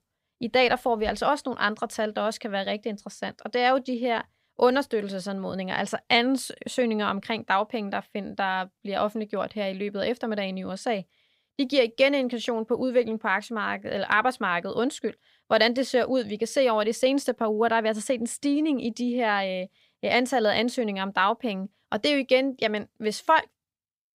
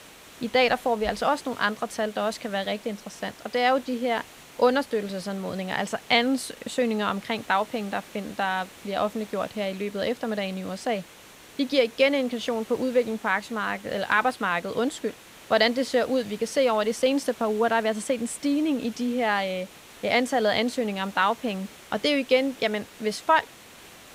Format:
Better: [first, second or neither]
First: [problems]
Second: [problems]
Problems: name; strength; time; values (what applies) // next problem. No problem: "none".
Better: first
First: none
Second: hiss; noticeable; throughout; 20 dB below the speech